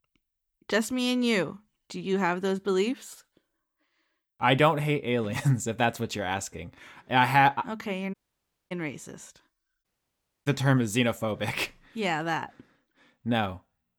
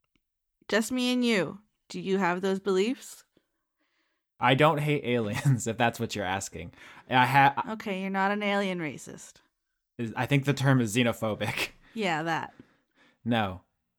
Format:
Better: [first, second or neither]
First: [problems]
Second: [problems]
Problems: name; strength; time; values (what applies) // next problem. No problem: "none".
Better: second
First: audio cutting out; at 8 s for 0.5 s and at 10 s for 0.5 s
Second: none